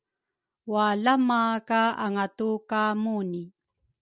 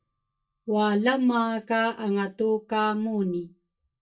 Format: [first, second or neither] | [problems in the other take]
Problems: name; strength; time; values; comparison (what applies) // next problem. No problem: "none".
first | noise reduction (neural mask model DeepFilterNet 3)